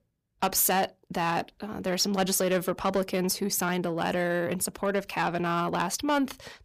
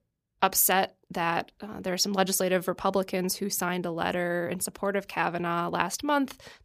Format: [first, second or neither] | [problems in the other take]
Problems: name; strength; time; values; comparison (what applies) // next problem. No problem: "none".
second | distortion; slight; 10 dB below the speech